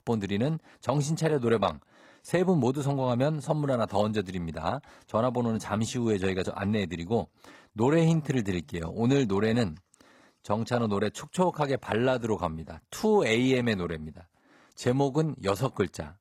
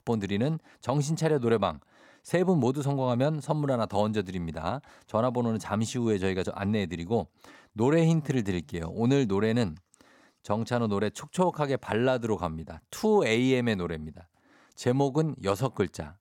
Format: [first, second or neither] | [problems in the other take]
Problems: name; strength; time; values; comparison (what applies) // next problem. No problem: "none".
second | garbled, watery; slightly; nothing above 14.5 kHz